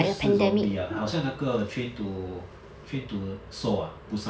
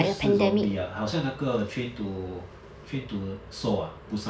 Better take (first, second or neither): second